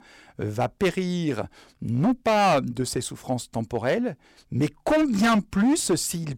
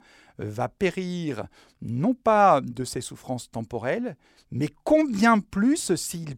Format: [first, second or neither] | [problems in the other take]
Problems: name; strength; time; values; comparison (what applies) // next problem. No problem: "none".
second | distortion; heavy; 9% of the sound clipped